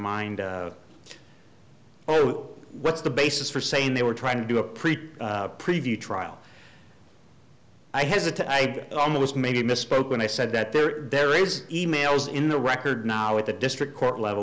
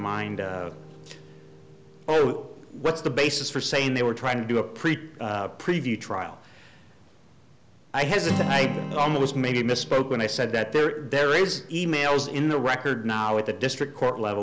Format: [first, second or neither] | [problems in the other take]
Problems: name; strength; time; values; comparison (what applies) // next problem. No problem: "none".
first | background sound (Acoustic guitar); 13 dB below the speech